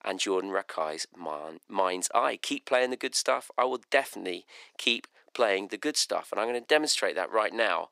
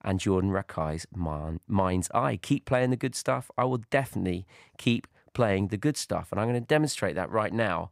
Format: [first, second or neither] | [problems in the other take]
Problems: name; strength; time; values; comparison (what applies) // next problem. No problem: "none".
second | thin; somewhat; fading below 350 Hz